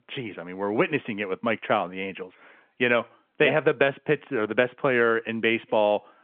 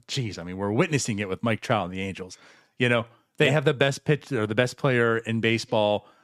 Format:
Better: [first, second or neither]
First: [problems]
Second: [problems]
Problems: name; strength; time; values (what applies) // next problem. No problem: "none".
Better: second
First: phone-call audio; nothing above 3.5 kHz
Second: none